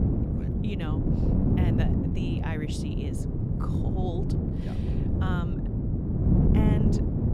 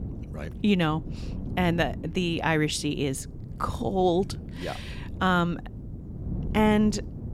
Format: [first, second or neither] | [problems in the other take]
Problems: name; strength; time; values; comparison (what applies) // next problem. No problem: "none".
second | wind noise on the microphone; heavy; 4 dB above the speech; occasional gusts in the second